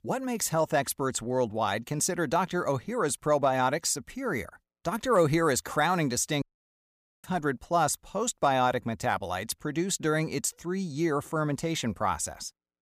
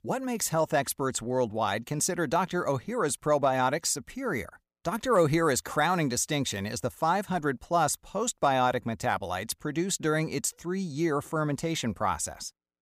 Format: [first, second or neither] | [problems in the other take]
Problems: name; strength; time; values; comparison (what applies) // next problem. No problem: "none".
second | audio cutting out; at 6.5 s for 1 s